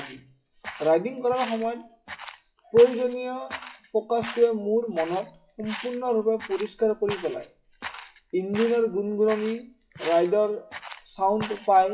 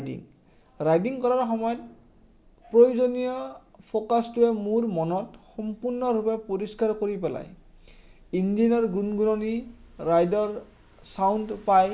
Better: second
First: noise reduction (classical method WPE with log-MMSE)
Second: none

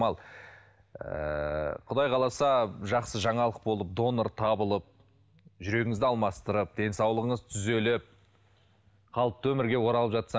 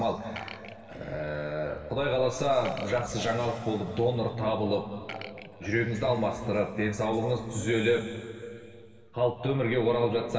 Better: first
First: none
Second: background sound (Burping, eructation); 18 dB below the speech // room echo; dies away in 2.5 s

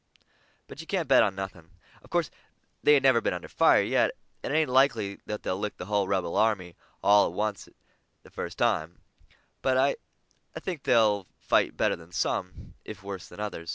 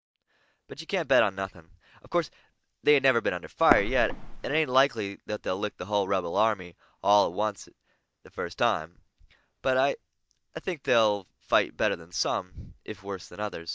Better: first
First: none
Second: noise reduction (neural mask model DeepFilterNet 3)

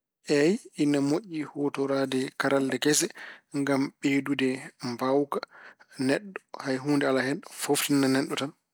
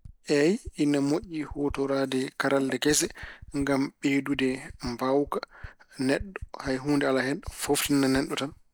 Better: first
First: none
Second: background sound (Typing); 19 dB below the speech

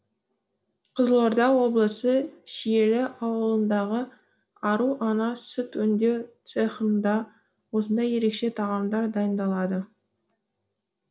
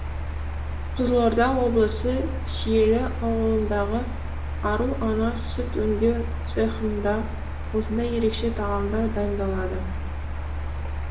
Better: first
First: none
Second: background sound (Mechanical fan); 3 dB below the speech // room echo; dies away in 0.8 s

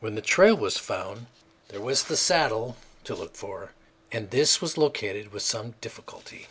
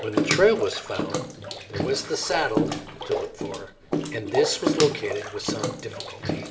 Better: first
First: none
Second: background sound (Bathtub (filling or washing) / Water / Splash, splatter); 2 dB below the speech // room echo; dies away in 0.7 s

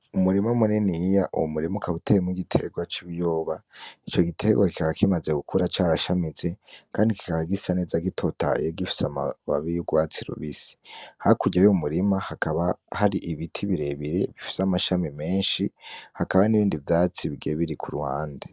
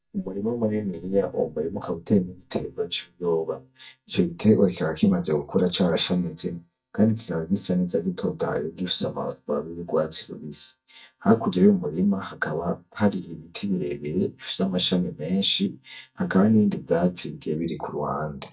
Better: first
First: none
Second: noise reduction (neural mask model DeepFilterNet 3)

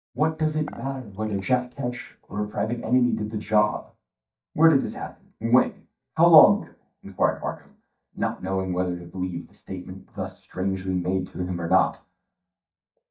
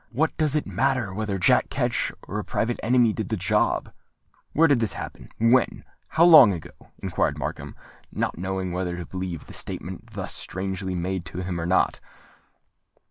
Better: second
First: noise reduction (neural mask model DeepFilterNet 3)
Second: none

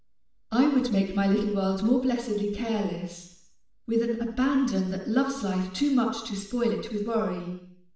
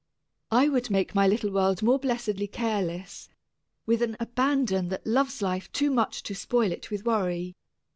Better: second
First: room echo; dies away in 0.8 s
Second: none

